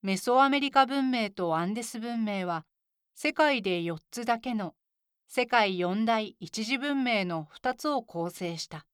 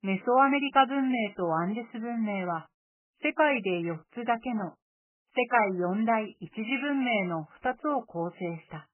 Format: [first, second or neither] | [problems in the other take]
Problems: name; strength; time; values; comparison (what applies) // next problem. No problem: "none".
first | garbled, watery; badly; nothing above 3 kHz